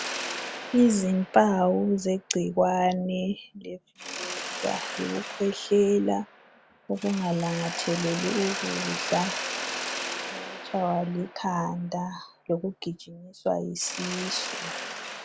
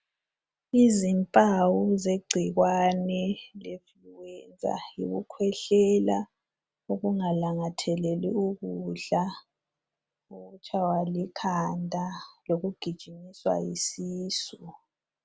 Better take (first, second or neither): second